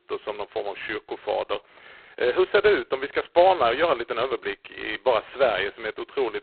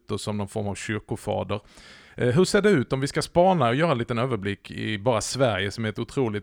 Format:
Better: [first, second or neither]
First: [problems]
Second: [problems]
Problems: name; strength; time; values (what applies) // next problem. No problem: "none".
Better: second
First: phone-call audio; poor line; nothing above 4 kHz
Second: none